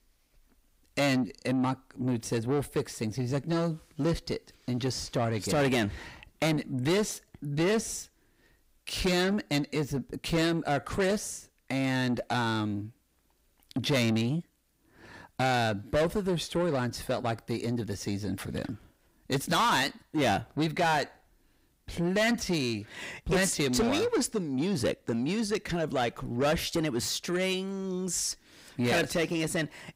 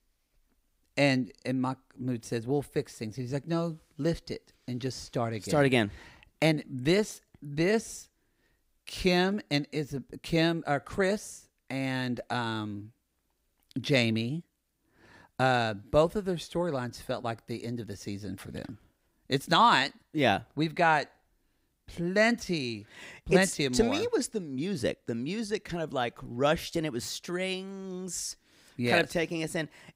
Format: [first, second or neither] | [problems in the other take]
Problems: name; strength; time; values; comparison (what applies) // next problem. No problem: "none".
second | distortion; heavy; 7 dB below the speech